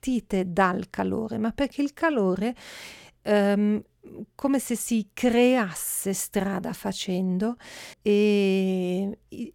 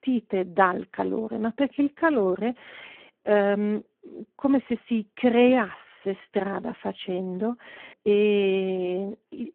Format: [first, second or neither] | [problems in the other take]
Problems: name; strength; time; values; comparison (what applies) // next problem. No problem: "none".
first | phone-call audio; poor line